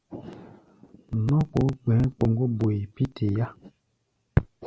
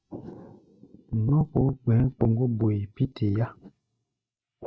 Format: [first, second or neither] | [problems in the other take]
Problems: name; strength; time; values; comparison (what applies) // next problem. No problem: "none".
first | noise reduction (neural mask model Resemble Enhance denoiser)